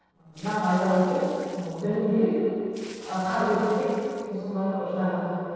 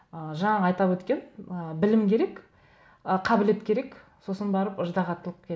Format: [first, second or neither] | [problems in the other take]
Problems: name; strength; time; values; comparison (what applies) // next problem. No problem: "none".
second | noise reduction (neural separator model SepFormer DNS4)